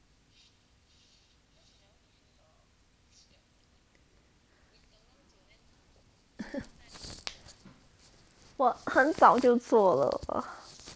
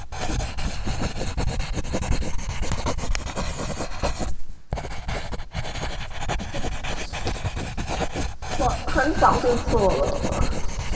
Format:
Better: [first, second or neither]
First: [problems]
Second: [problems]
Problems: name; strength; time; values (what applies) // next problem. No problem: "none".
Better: first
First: none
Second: background sound (Writing); 5 dB above the speech // room echo; dies away in 2.4 s